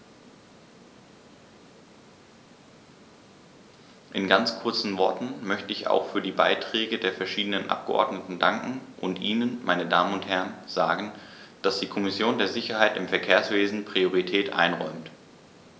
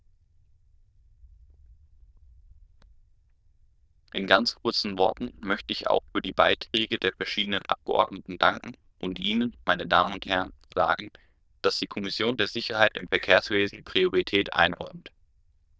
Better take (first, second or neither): first